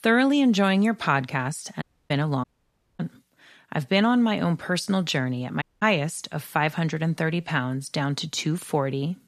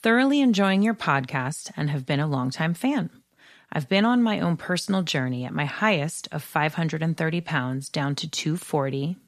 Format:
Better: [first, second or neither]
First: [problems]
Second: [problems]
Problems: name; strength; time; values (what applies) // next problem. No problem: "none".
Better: second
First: audio cutting out; at 2 s, at 2.5 s for 0.5 s and at 5.5 s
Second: none